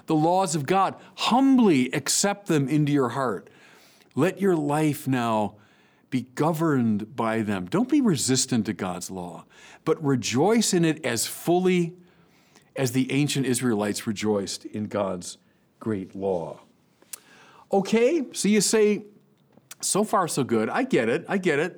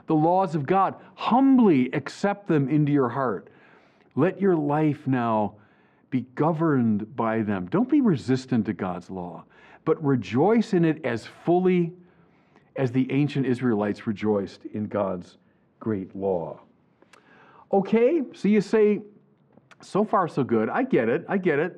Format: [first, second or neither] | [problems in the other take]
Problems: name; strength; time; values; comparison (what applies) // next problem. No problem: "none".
first | muffled; very; fading above 2 kHz